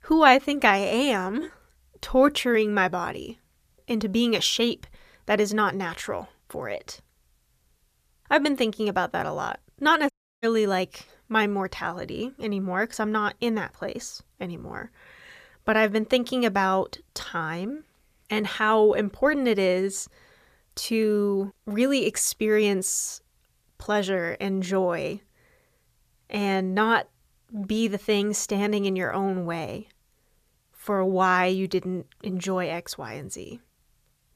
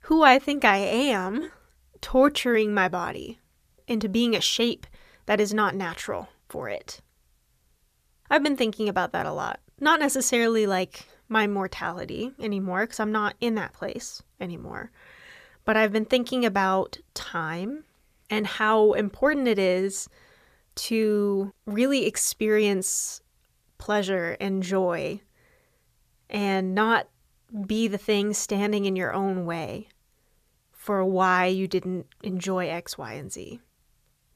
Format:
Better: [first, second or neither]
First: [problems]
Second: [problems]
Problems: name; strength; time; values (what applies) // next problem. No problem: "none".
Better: second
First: audio cutting out; at 10 s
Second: none